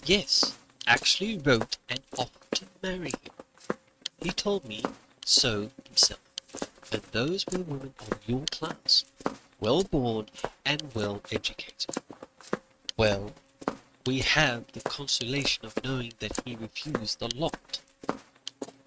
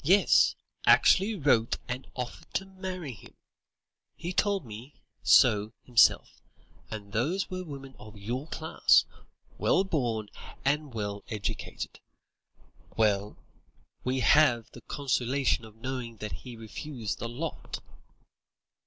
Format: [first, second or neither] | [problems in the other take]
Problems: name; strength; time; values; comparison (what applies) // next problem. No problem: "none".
second | noise reduction (neural mask model RNNoise)